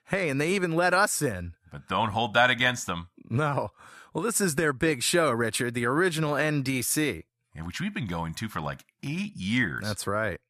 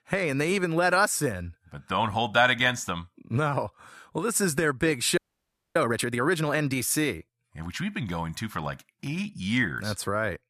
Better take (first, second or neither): first